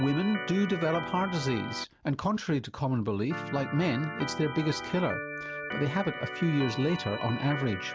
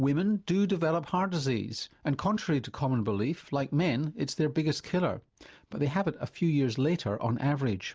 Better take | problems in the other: second | background sound (Organ); 9 dB below the speech

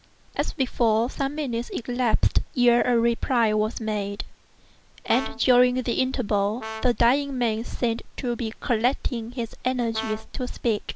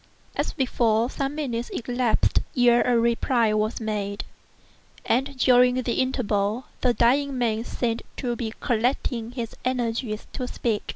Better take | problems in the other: second | background sound (Brass instrument); 15 dB below the speech

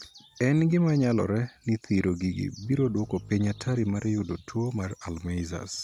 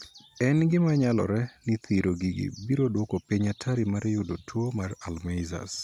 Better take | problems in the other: second | background sound (Bowed string instrument); 20 dB below the speech

